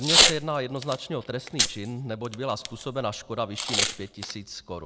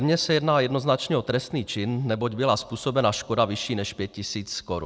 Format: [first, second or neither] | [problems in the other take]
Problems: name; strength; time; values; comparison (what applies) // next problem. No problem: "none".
second | background sound (Packing tape, duct tape / Tearing); 4 dB above the speech